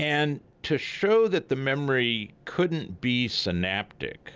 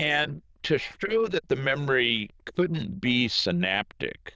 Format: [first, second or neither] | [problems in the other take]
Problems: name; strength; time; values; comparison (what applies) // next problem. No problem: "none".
first | noise reduction (neural diffusion model UNIVERSE++)